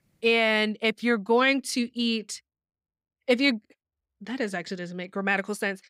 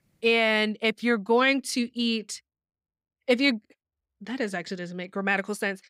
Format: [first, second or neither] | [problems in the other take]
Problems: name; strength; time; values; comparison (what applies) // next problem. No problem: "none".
neither | none